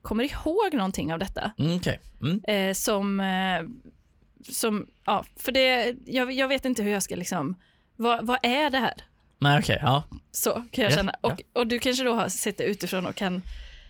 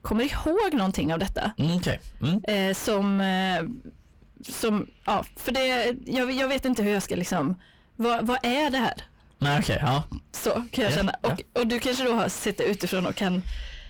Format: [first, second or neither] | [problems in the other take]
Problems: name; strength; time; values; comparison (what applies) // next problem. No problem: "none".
first | distortion; heavy; 6 dB below the speech